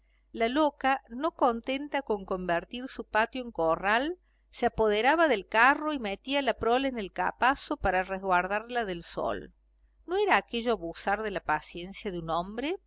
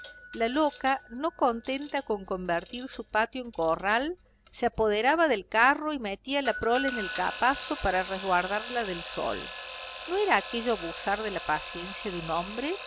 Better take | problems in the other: first | background sound (Doorbell + Alarm / Clock); 13 dB below the speech

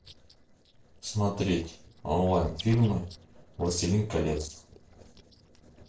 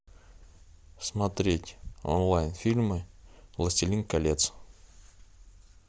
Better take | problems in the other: second | noise reduction (neural separator model SepFormer DNS4)

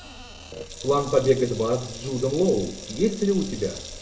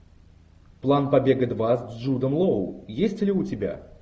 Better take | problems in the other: second | background sound (Sink (filling or washing) / Water tap, faucet); 15 dB below the speech // room echo; dies away in 0.2 s

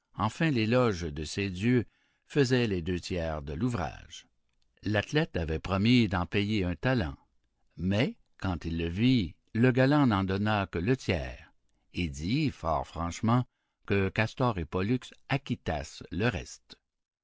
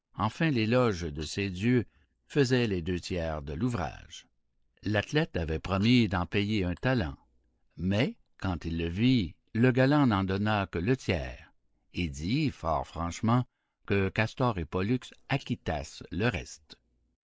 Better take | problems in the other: first | noise reduction (neural mask model Resemble Enhance denoiser)

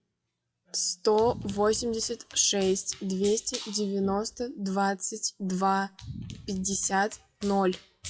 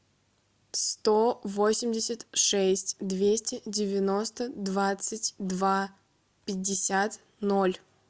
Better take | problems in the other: second | noise reduction (classical method WPE with log-MMSE)

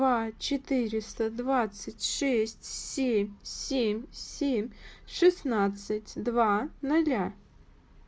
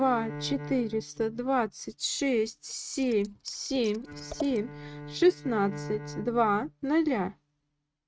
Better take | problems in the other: first | noise reduction (neural mask model RNNoise)

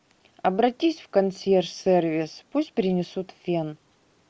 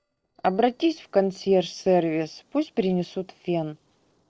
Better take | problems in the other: first | noise reduction (neural separator model SepFormer DNS4)

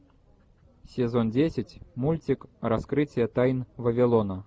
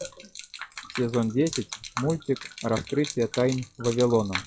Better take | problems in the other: first | noise reduction (classical method log-MMSE)

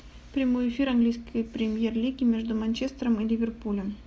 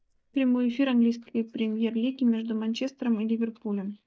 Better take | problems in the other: first | noise reduction (neural mask model DeepFilterNet 3)

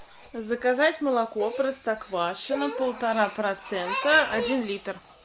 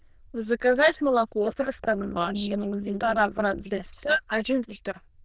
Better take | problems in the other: first | noise reduction (neural diffusion model UNIVERSE++)

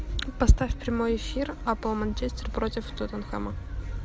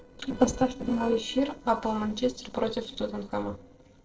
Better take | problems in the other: first | noise reduction (neural separator model SepFormer DNS4)

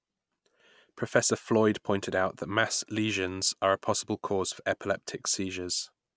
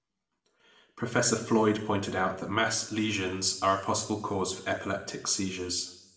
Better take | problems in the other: first | room echo; dies away in 0.7 s

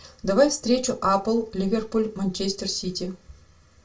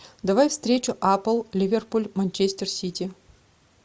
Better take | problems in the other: second | room echo; dies away in 0.2 s

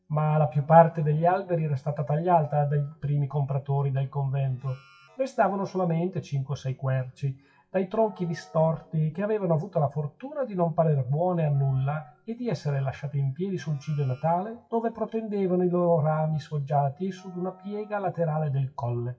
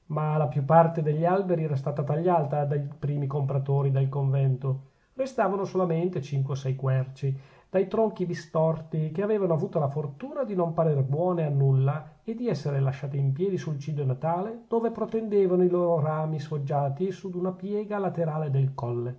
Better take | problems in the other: second | noise reduction (classical method WPE with log-MMSE)

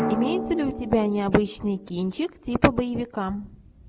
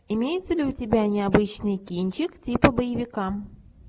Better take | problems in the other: second | background sound (Drum); 9 dB below the speech

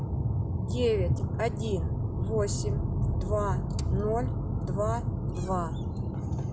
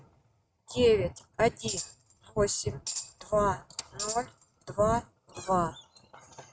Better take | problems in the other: first | noise reduction (neural mask model RNNoise)

